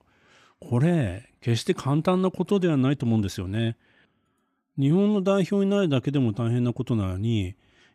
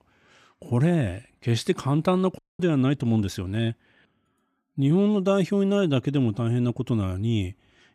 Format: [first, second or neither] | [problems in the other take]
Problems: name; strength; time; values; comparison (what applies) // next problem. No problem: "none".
first | audio cutting out; at 2.5 s